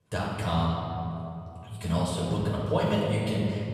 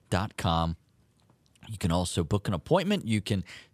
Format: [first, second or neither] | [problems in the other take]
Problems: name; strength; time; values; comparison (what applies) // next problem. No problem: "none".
second | off-mic speech; far // room echo; noticeable; dies away in 2.6 s